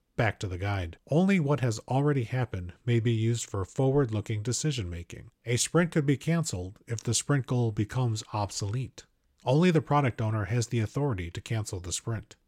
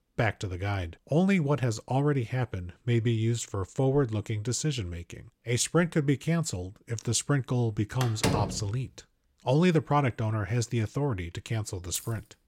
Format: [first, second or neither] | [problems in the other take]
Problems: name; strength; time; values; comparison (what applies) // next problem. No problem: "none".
first | door banging; loud; at 8 s; peak 1 dB above the speech // jangling keys; faint; at 12 s; peak 10 dB below the speech